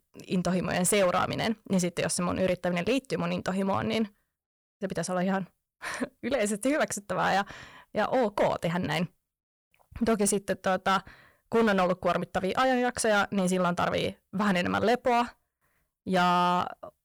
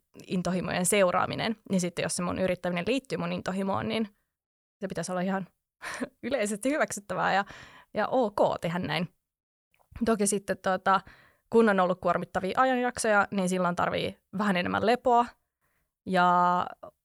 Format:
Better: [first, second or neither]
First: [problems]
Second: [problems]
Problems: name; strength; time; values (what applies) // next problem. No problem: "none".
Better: second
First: distortion; slight; 7% of the sound clipped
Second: none